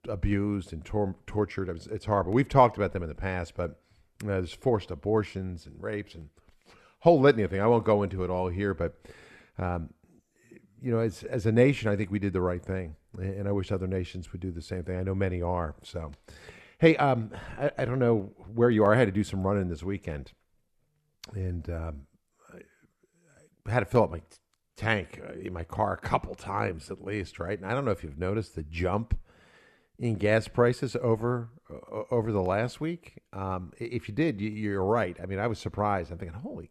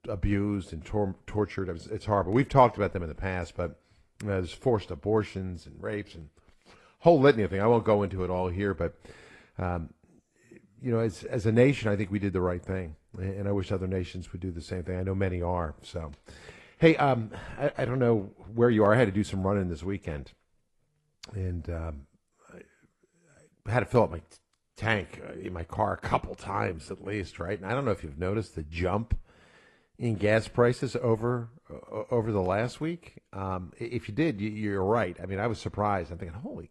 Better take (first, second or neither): first